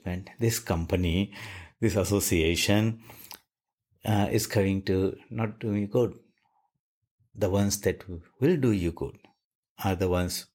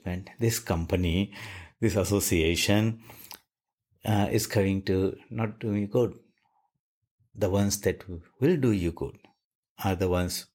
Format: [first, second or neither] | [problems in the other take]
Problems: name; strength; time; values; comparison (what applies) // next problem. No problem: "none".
neither | none